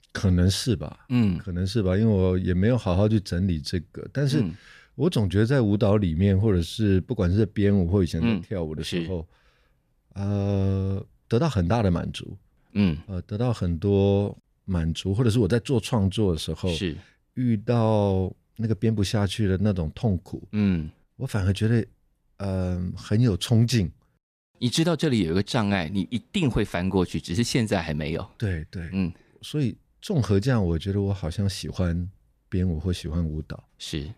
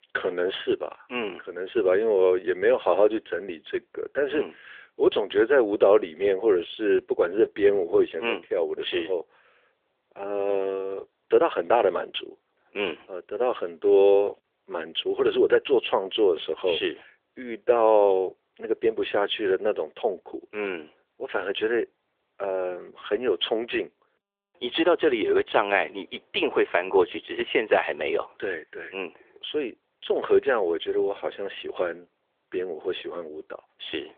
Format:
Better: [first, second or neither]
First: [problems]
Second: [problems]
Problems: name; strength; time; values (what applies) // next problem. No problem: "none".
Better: first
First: none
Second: phone-call audio; nothing above 3.5 kHz